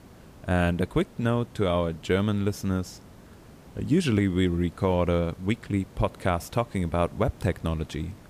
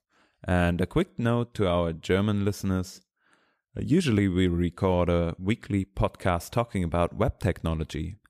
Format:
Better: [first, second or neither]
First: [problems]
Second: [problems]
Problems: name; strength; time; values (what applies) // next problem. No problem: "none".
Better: second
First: hiss; faint; throughout; 25 dB below the speech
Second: none